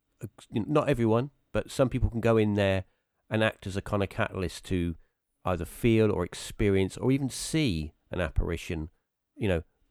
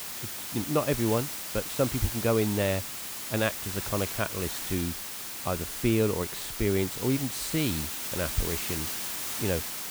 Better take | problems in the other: first | hiss; loud; throughout; 3 dB below the speech

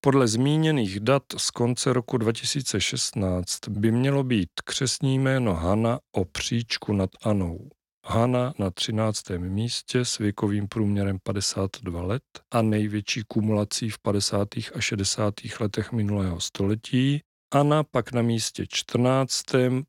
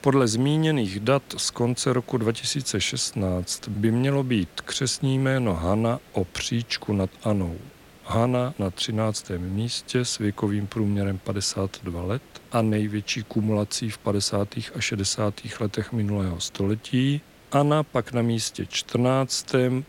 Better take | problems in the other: first | hiss; faint; throughout; 25 dB below the speech

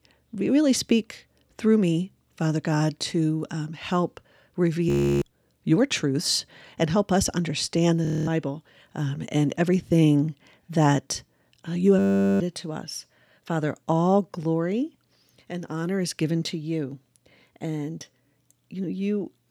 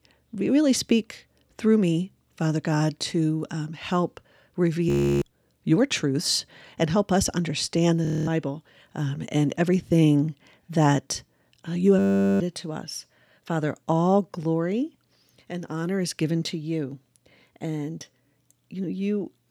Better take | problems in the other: neither | audio freezing; at 5 s, at 8 s and at 12 s; the same in both

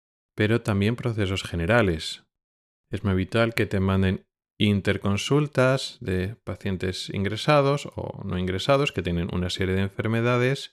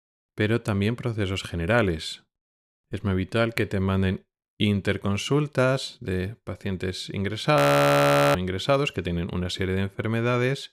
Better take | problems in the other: first | audio freezing; at 7.5 s for 1 s

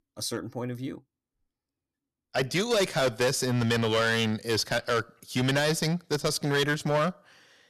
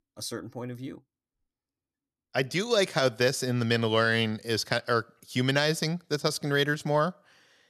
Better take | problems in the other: second | distortion; heavy; 8% of the sound clipped

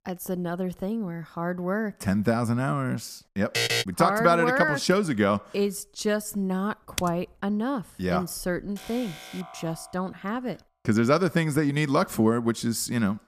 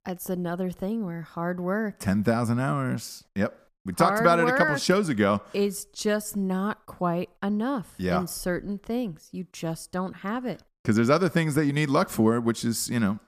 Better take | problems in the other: second | alarm; loud; at 3.5 s; peak 2 dB above the speech // keyboard typing; very faint; at 7 s; peak 8 dB below the speech // alarm; faint; from 9 to 10 s; peak 15 dB below the speech

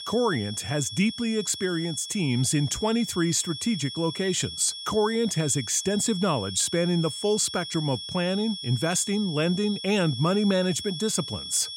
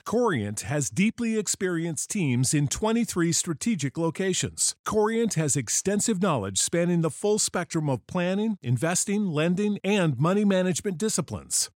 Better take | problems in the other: second | high-pitched whine; loud; throughout; 3.5 kHz, 9 dB below the speech

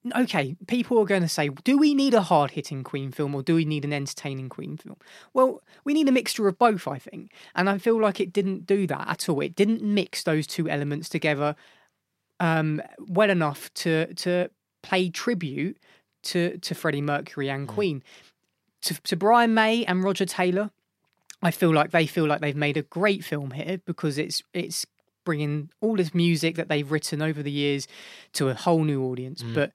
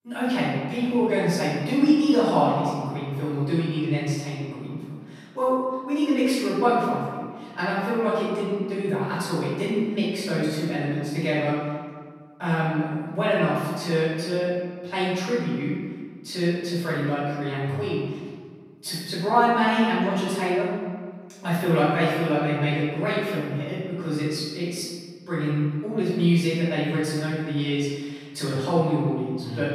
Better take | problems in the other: first | off-mic speech; far // room echo; strong; dies away in 1.5 s

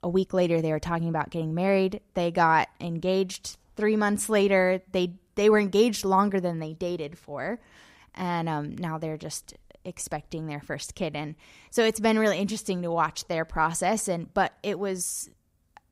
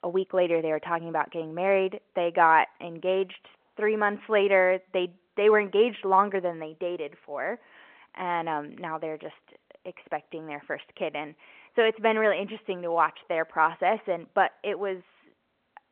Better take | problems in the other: first | phone-call audio

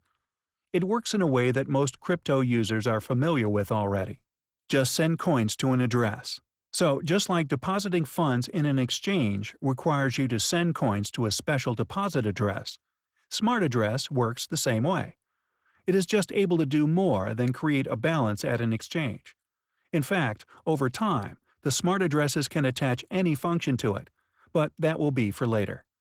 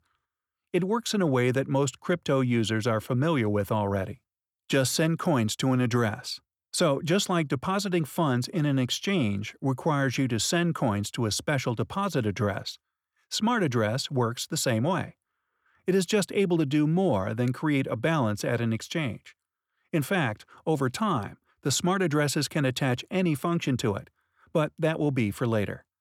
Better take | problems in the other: second | garbled, watery; slightly

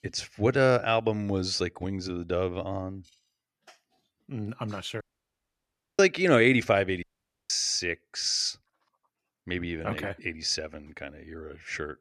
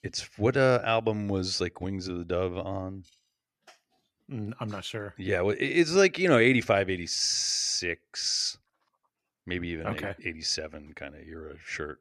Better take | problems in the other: second | audio cutting out; at 5 s for 1 s and at 7 s

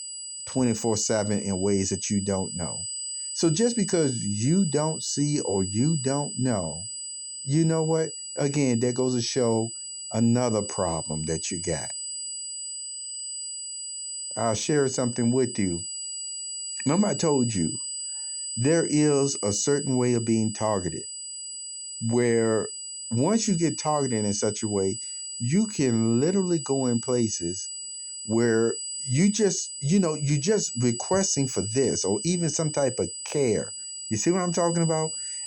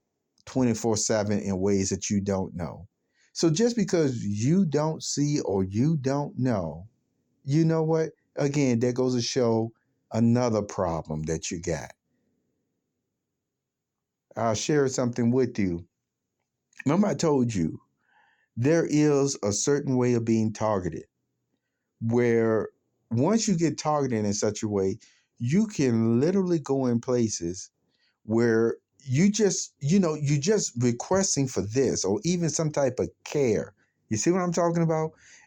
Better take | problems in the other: second | high-pitched whine; loud; throughout; 8 kHz, 7 dB below the speech

